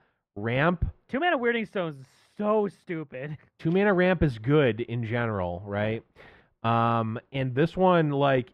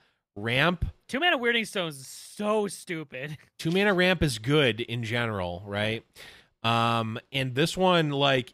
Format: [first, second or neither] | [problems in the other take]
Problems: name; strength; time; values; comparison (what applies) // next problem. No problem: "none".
second | muffled; very; fading above 3.5 kHz